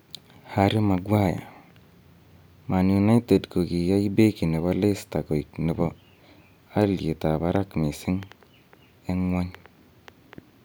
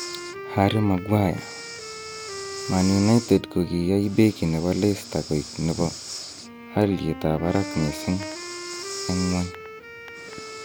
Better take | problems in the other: first | background sound (Breathing + Wind instrument, woodwind instrument); 11 dB below the speech

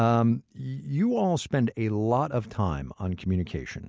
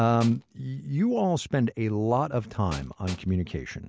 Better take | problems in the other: first | background sound (Tools); 17 dB below the speech

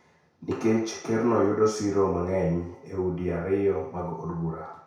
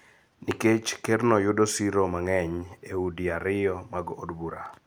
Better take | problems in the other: second | room echo; dies away in 0.6 s

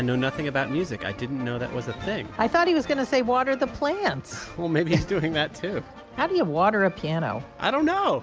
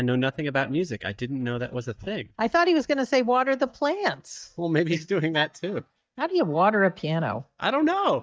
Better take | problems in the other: first | noise reduction (neural mask model DeepFilterNet 3)

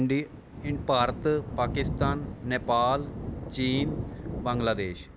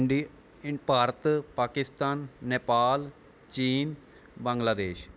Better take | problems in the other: second | background sound (Thunder); 6 dB below the speech

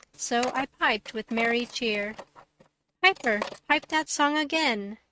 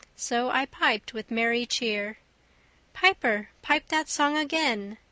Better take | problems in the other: second | noise reduction (neural mask model RNNoise)

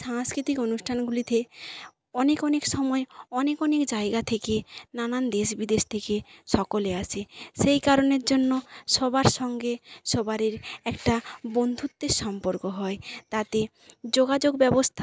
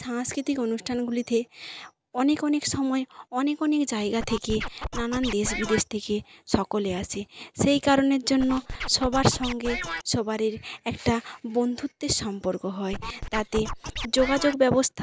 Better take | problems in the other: first | background sound (Scratching (performance technique)); 7 dB below the speech

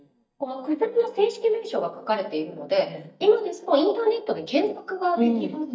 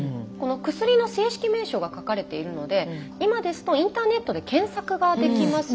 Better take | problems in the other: second | noise reduction (neural mask model DeepFilterNet 3)

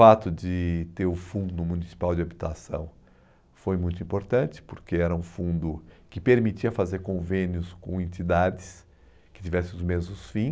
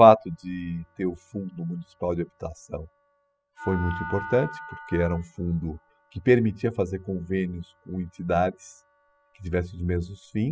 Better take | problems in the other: first | noise reduction (classical method spectral subtraction)

